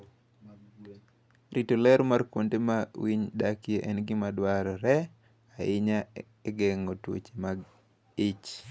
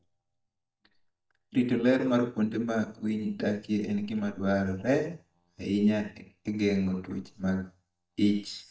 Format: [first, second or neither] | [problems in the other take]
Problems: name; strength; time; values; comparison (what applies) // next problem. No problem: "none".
first | noise reduction (neural mask model DeepFilterNet 3)